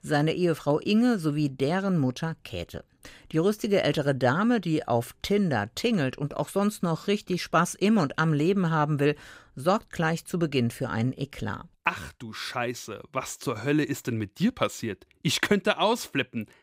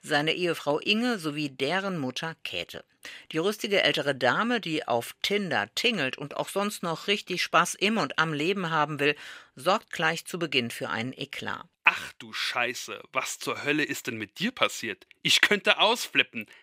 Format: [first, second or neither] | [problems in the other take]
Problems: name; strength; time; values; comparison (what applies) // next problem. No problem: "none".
first | thin; somewhat; fading below 1 kHz